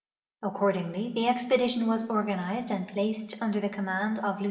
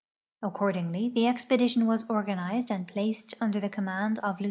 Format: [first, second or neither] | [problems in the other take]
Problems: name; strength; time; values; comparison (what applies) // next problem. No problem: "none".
second | room echo; dies away in 0.9 s